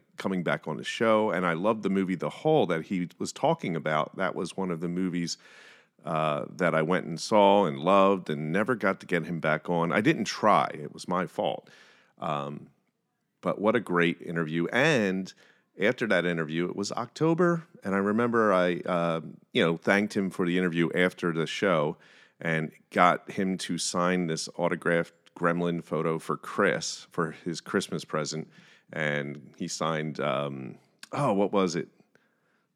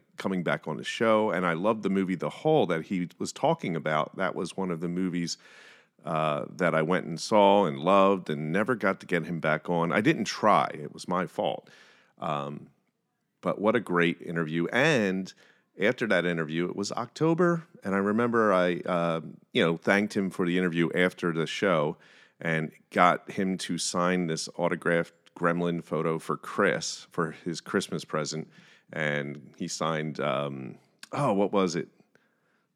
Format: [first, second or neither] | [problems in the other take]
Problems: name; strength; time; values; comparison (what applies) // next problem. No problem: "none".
neither | none